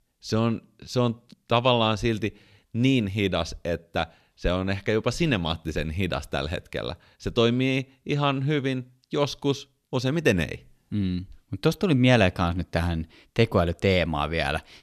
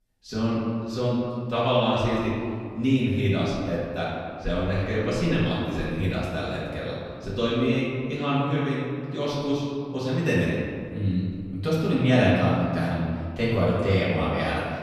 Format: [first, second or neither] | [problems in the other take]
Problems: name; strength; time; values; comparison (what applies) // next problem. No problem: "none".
first | off-mic speech; far // room echo; strong; dies away in 1.9 s